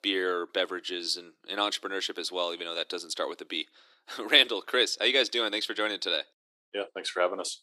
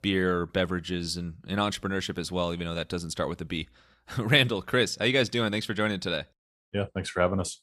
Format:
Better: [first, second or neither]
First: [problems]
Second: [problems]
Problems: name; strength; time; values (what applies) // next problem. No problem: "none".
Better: second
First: thin; somewhat; fading below 300 Hz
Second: none